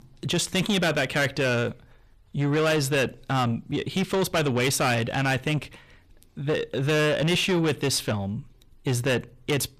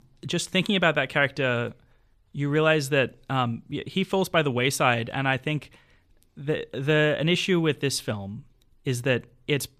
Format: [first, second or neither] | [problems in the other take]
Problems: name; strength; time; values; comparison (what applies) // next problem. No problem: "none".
second | distortion; heavy; 7 dB below the speech